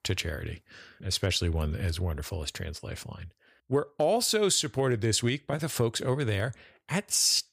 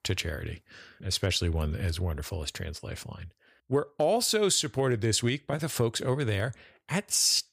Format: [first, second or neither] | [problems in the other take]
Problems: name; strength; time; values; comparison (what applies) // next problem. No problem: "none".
neither | none